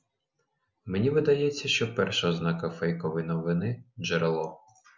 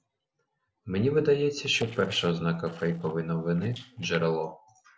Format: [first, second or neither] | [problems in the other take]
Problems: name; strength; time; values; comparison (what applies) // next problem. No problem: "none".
first | noise reduction (neural separator model SepFormer DNS4)